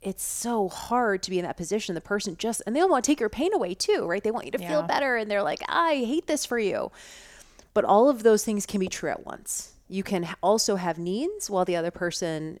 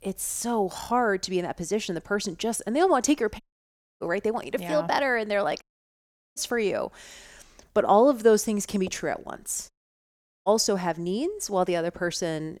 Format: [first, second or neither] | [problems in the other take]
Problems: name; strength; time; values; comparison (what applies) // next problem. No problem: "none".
first | audio cutting out; at 3.5 s for 0.5 s, at 5.5 s for 0.5 s and at 9.5 s for 1 s